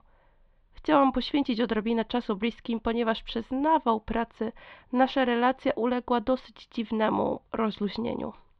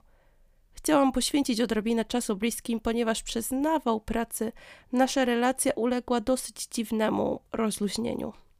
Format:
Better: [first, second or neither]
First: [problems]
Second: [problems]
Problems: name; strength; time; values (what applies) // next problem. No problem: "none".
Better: second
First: muffled; slightly; fading above 3.5 kHz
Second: none